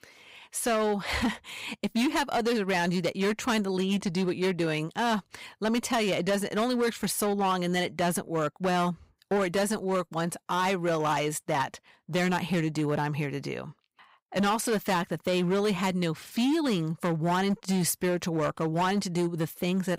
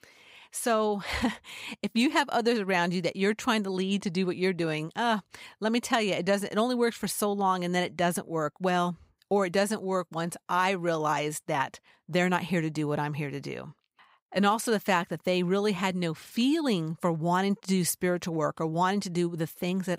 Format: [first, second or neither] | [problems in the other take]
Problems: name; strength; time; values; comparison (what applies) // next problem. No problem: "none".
second | distortion; slight; 12% of the sound clipped